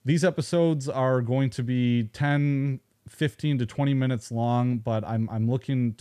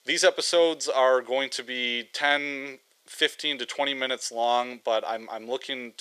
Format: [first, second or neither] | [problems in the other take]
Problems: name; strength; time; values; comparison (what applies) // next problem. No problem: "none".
first | thin; very; fading below 450 Hz